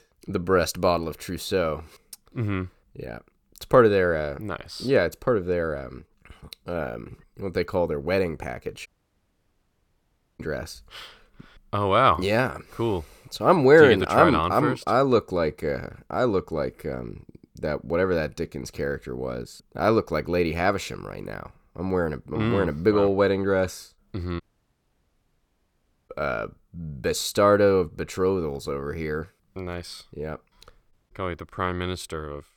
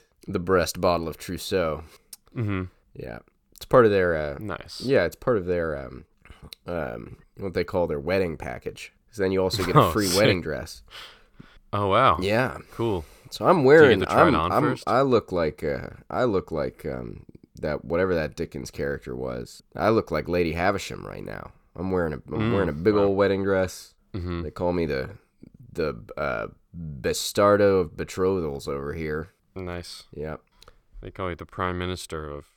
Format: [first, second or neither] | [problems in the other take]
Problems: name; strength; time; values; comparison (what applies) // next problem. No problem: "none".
second | audio cutting out; at 9 s for 1.5 s, at 24 s for 1.5 s and at 31 s